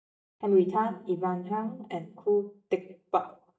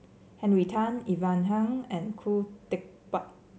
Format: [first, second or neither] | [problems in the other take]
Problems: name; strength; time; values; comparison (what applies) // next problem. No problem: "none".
second | noise reduction (neural mask model DeepFilterNet 3)